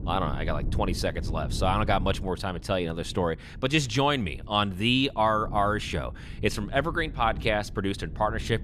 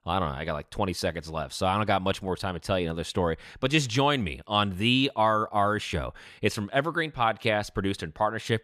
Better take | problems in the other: second | wind noise on the microphone; occasional gusts; 20 dB below the speech

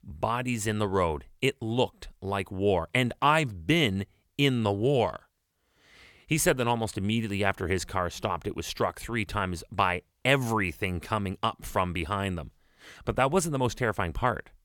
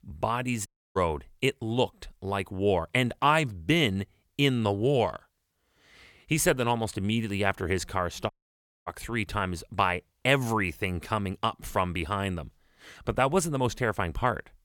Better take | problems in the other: first | audio cutting out; at 0.5 s and at 8.5 s for 0.5 s

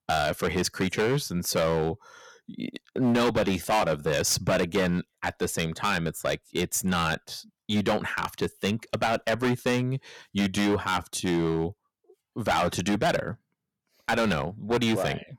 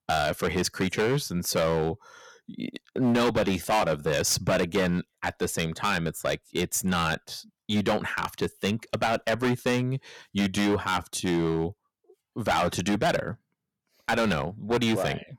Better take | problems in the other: neither | distortion; heavy; 10% of the sound clipped; the same in both

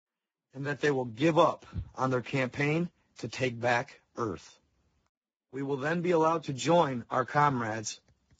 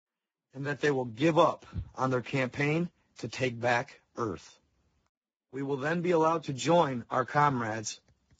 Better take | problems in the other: neither | garbled, watery; badly; nothing above 7.5 kHz; the same in both

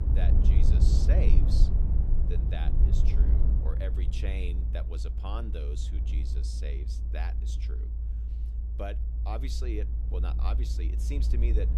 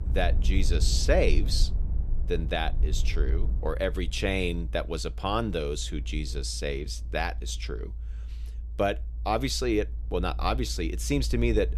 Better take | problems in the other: second | low rumble; loud; throughout; 3 dB below the speech; faint in the second

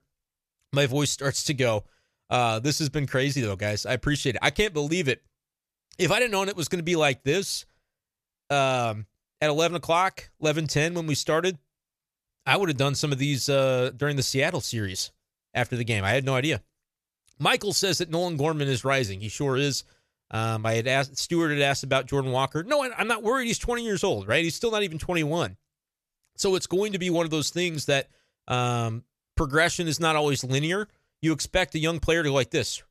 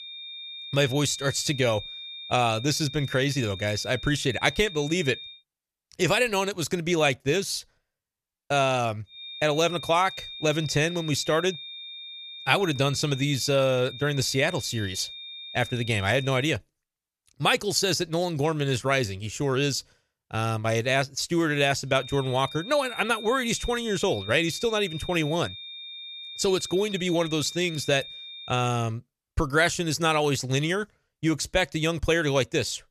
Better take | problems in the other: first | high-pitched whine; noticeable; until 5.5 s, from 9 to 16 s and from 22 to 29 s; 3.5 kHz, 10 dB below the speech

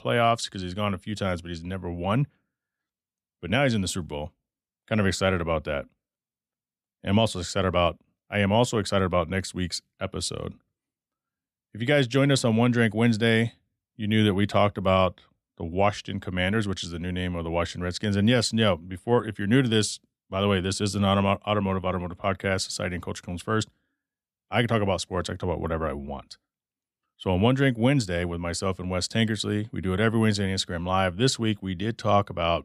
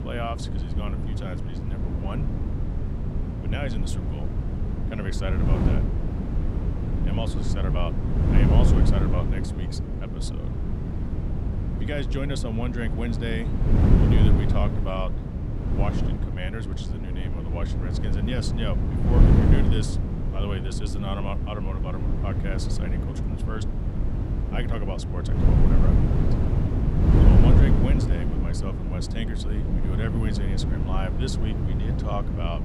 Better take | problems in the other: first | wind noise on the microphone; heavy; as loud as the speech

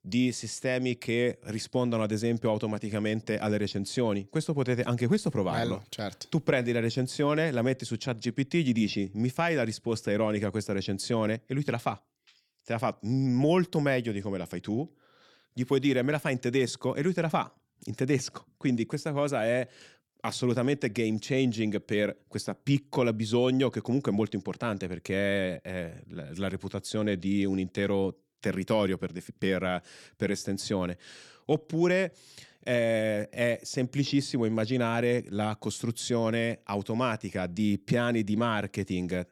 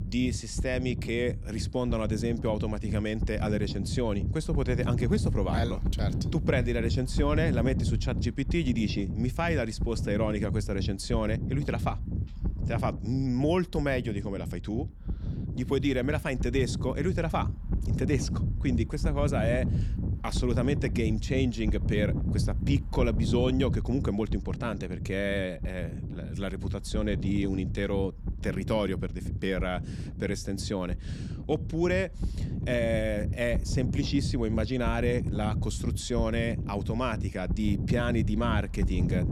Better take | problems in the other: first | wind noise on the microphone; occasional gusts; 10 dB below the speech

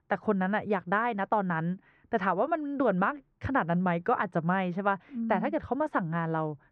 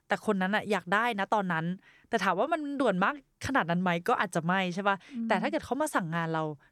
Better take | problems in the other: second | muffled; very; fading above 1.5 kHz

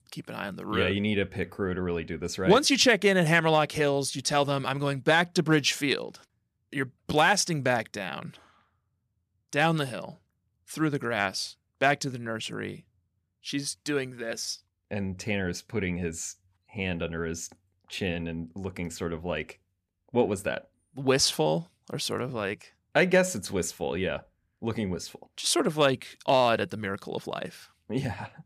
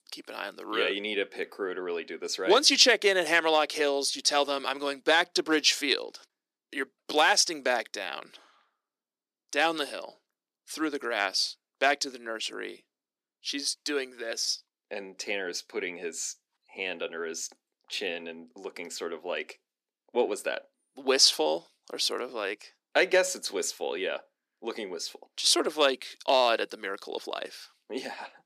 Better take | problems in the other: first | thin; somewhat; fading below 300 Hz

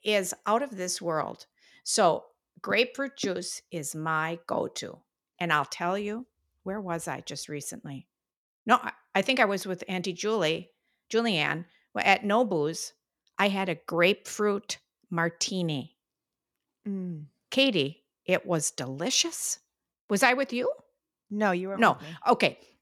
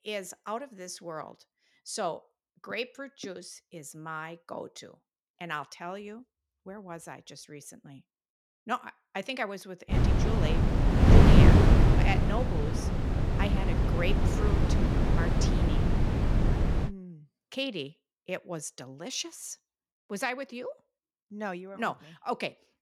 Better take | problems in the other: first | wind noise on the microphone; heavy; from 10 to 17 s; 4 dB above the speech

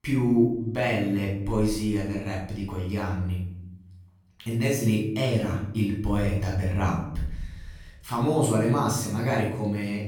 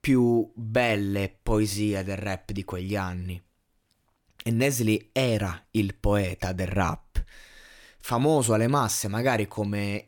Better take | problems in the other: second | off-mic speech; far // room echo; noticeable; dies away in 1 s

